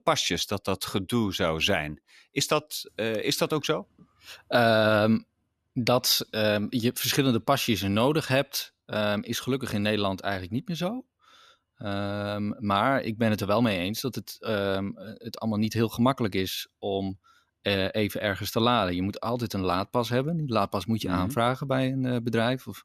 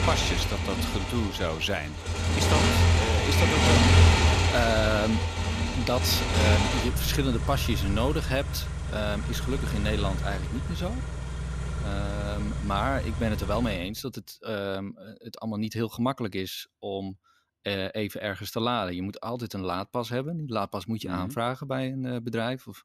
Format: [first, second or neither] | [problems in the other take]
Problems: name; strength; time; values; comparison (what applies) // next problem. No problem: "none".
first | traffic noise; very loud; until 14 s; 4 dB above the speech